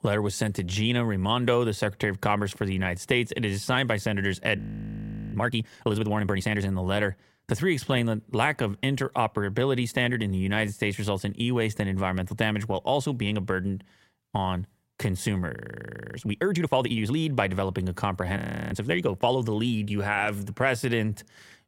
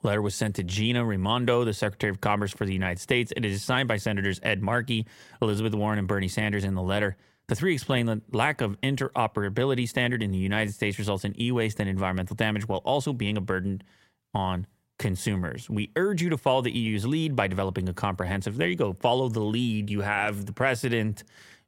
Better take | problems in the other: second | audio freezing; at 4.5 s for 1 s, at 16 s for 0.5 s and at 18 s

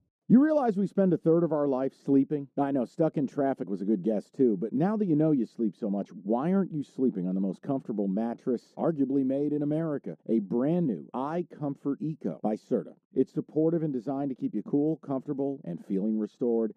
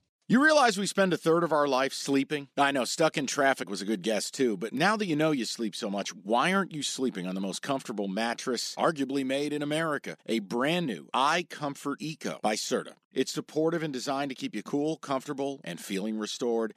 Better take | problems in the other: second | muffled; very; fading above 1 kHz

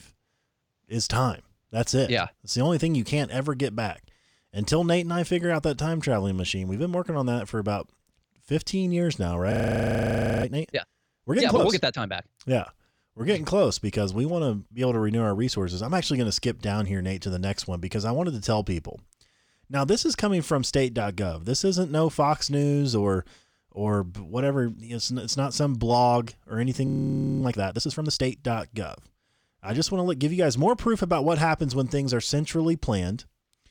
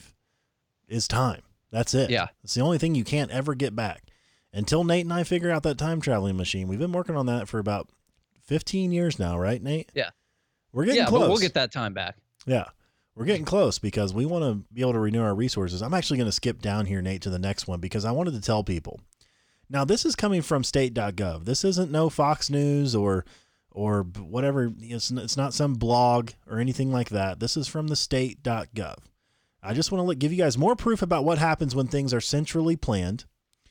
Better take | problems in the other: second | audio freezing; at 9.5 s for 1 s and at 27 s for 0.5 s

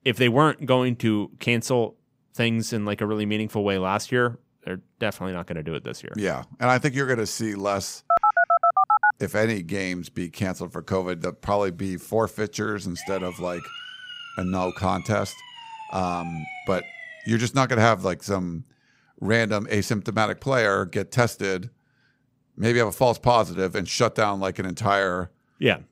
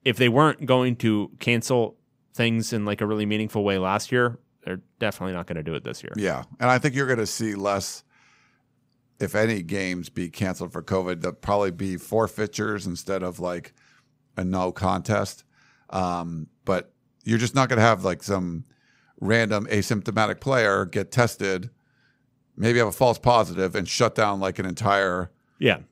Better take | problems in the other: second | phone ringing; loud; from 8 to 9 s; peak 6 dB above the speech // siren; faint; from 13 to 17 s; peak 10 dB below the speech

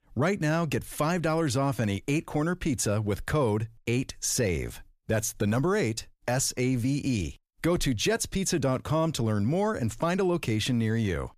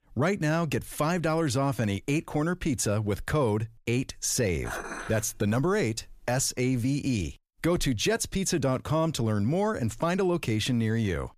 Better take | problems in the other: first | clattering dishes; noticeable; from 4.5 to 6.5 s; peak 8 dB below the speech

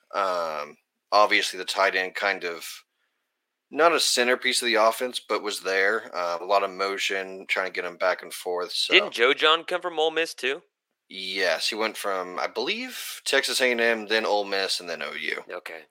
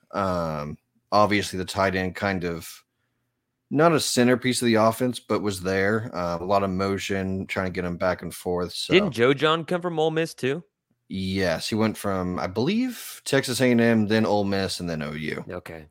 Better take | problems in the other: second | thin; very; fading below 400 Hz

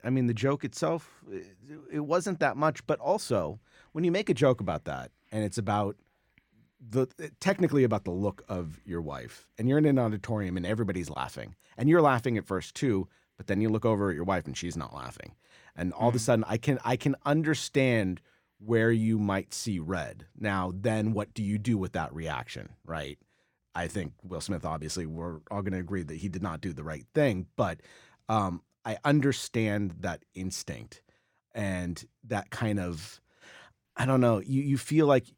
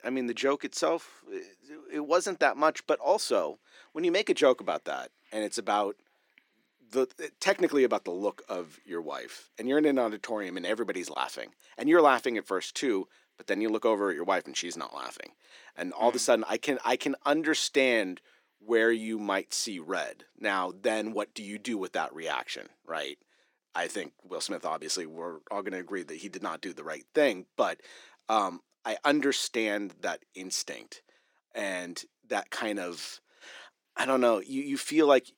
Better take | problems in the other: first | thin; somewhat; fading below 300 Hz

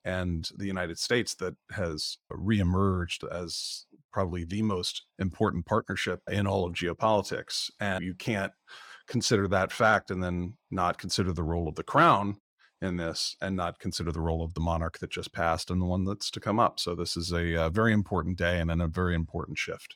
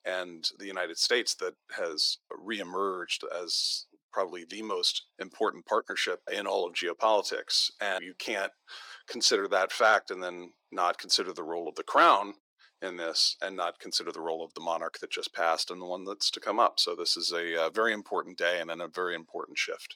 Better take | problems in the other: first | thin; very; fading below 350 Hz

